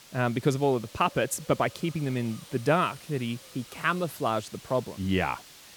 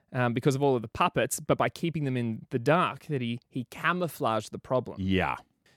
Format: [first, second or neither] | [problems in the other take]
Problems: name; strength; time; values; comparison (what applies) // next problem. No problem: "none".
second | hiss; noticeable; throughout; 20 dB below the speech